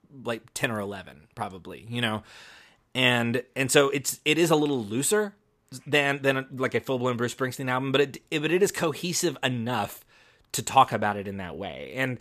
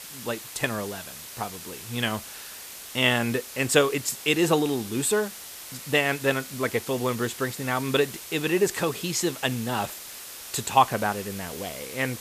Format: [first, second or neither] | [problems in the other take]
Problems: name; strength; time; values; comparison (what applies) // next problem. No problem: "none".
first | hiss; noticeable; throughout; 10 dB below the speech